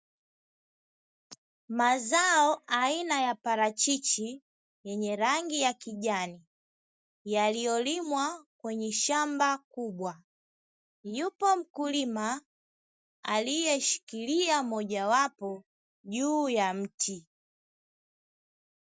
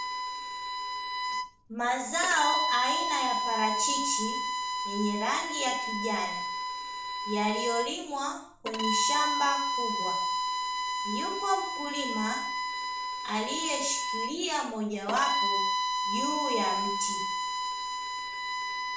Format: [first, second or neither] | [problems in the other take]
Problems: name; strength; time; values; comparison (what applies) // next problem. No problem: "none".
first | background sound (Bowed string instrument); 1 dB above the speech // room echo; dies away in 0.5 s